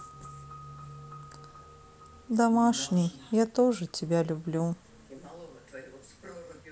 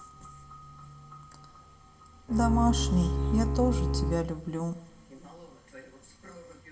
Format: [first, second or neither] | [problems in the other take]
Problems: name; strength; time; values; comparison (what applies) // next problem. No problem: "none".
first | background sound (Bowed string instrument); 3 dB above the speech // room echo; dies away in 1.3 s